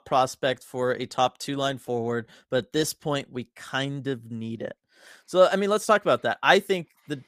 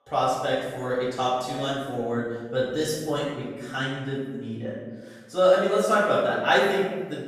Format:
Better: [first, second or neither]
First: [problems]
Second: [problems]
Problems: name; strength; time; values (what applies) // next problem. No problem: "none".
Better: first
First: none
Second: off-mic speech; far // room echo; strong; dies away in 1.2 s